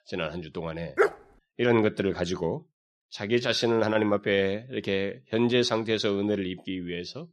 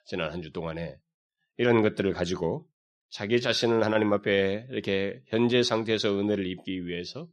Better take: second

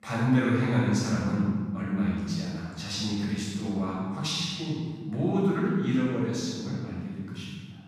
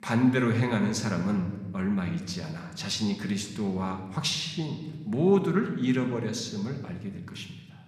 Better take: second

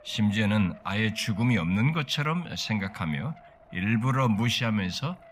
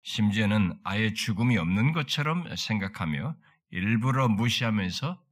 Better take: second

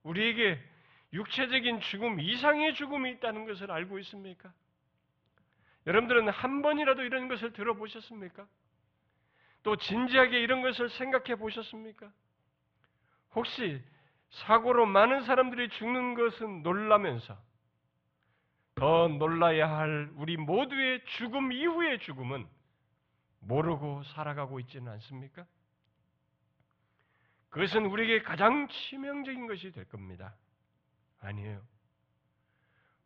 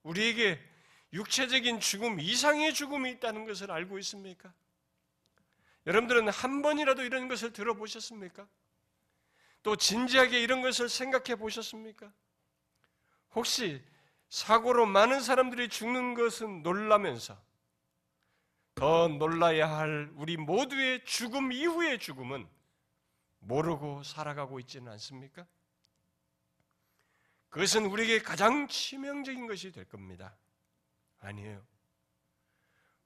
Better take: second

